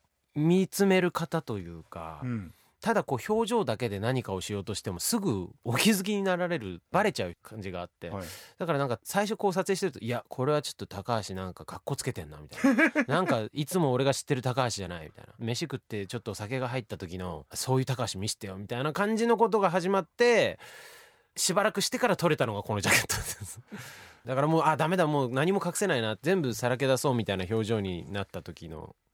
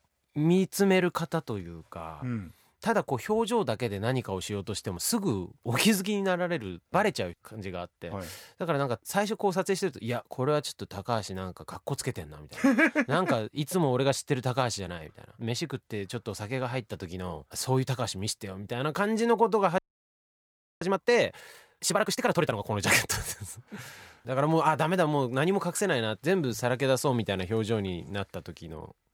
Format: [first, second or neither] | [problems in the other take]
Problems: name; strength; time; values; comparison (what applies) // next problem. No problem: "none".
first | audio freezing; at 20 s for 1 s